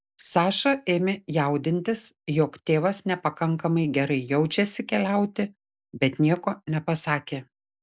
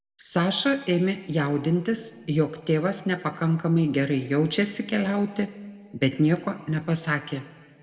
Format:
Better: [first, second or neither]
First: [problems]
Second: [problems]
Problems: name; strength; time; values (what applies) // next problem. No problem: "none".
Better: first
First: none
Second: room echo; dies away in 1.3 s